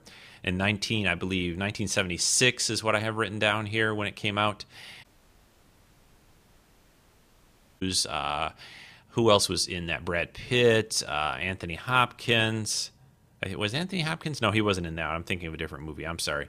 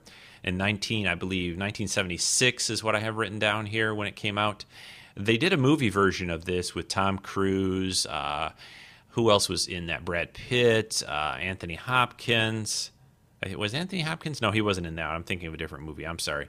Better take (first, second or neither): second